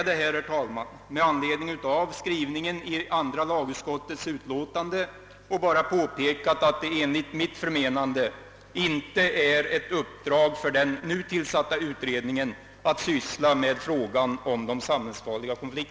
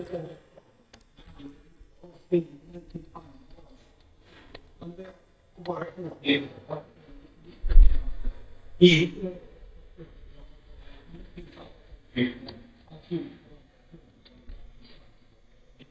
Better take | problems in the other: first | noise reduction (neural mask model DeepFilterNet 3)

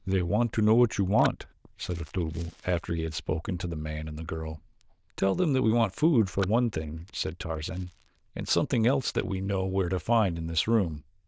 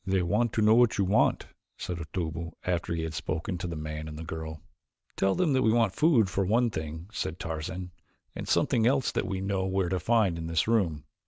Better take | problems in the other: second | noise reduction (neural diffusion model UNIVERSE++)

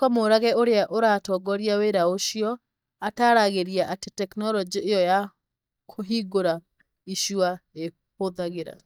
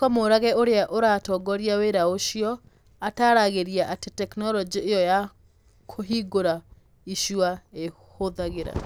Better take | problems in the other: second | noise reduction (neural mask model DeepFilterNet 3)

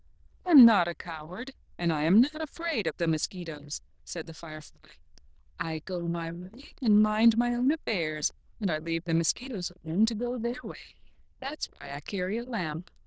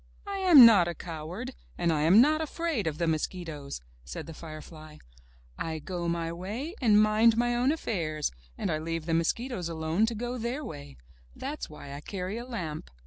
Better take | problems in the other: second | noise reduction (neural diffusion model UNIVERSE++)

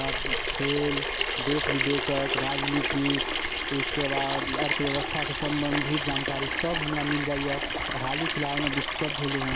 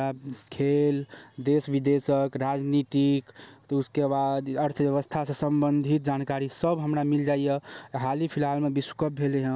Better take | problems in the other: second | background sound (Sink (filling or washing) / Water tap, faucet); 1 dB above the speech

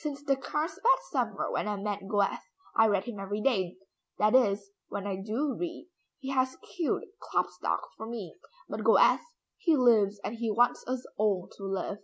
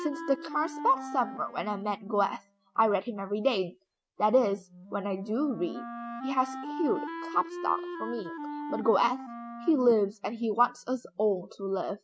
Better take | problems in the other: first | noise reduction (neural mask model RNNoise)

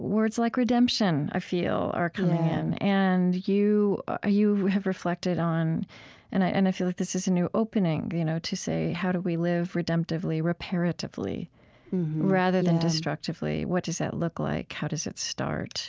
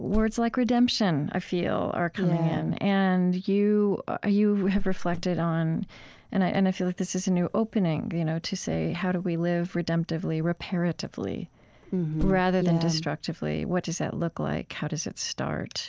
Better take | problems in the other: first | background sound (Cricket); 13 dB below the speech

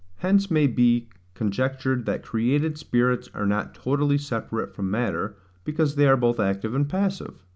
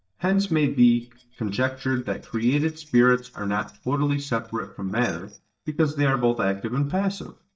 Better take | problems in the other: first | noise reduction (neural mask model DeepFilterNet 3)

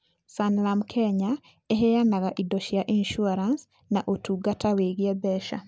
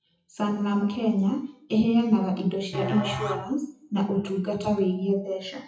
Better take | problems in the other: first | noise reduction (classical method WPE with log-MMSE)

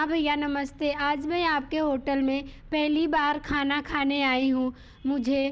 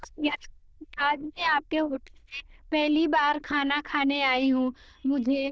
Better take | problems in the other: first | noise reduction (neural diffusion model UNIVERSE++)

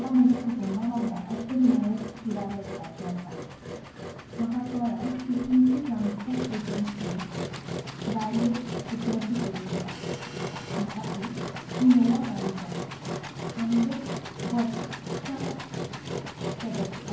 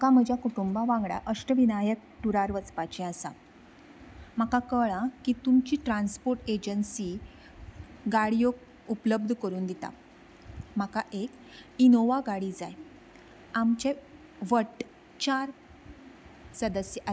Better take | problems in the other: second | background sound (Engine); 7 dB below the speech // room echo; dies away in 0.9 s

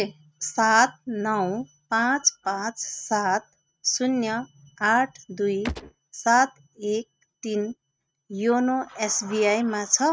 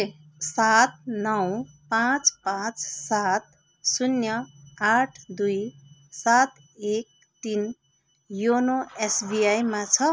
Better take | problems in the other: second | noise reduction (neural mask model RNNoise)

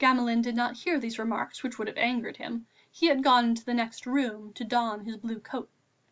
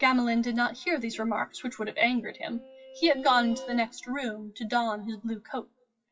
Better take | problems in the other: first | noise reduction (classical method WPE with log-MMSE)

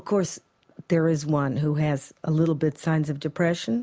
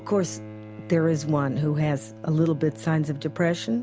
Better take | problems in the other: first | background sound (Bowed string instrument); 16 dB below the speech

